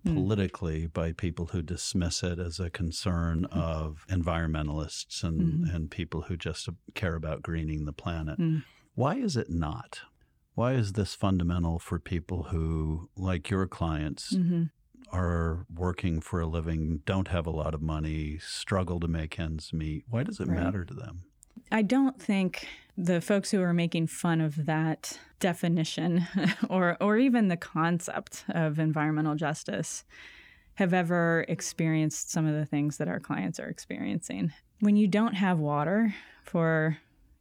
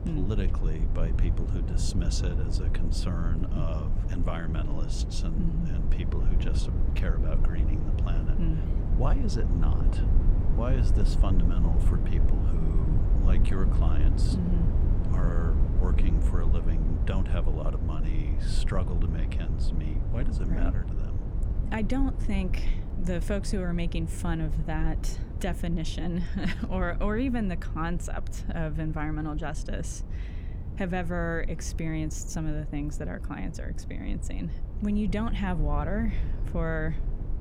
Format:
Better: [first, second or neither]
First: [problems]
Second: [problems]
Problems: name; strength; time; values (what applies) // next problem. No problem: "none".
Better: first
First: none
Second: low rumble; loud; throughout; 7 dB below the speech